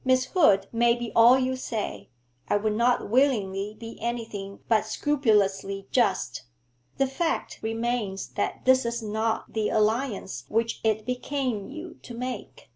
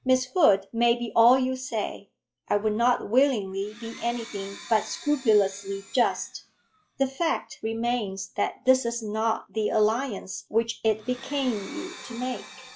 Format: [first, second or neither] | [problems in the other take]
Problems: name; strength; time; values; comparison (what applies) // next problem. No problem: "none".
first | noise reduction (classical method log-MMSE)